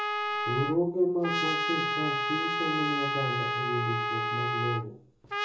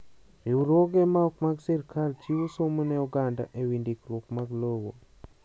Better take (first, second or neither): second